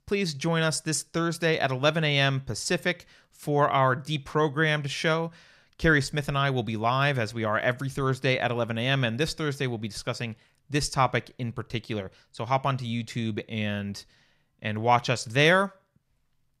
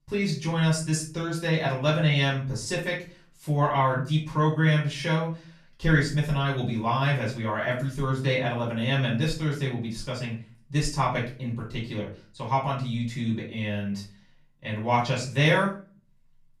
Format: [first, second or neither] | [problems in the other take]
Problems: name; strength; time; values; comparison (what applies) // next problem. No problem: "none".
first | off-mic speech; far // room echo; slight; dies away in 0.3 s